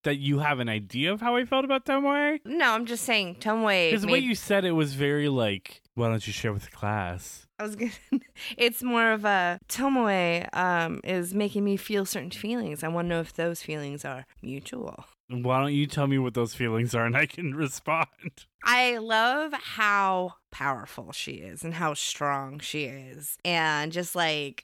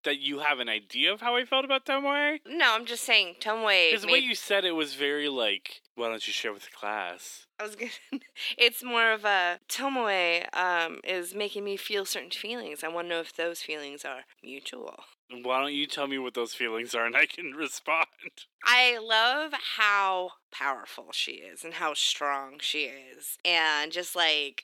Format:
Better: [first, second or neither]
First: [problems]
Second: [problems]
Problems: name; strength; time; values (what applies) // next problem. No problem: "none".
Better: first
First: none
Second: thin; somewhat; fading below 300 Hz